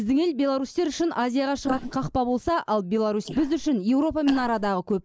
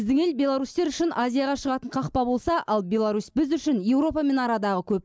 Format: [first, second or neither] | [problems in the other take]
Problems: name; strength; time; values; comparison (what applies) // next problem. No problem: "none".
second | noise reduction (neural mask model Resemble Enhance denoiser)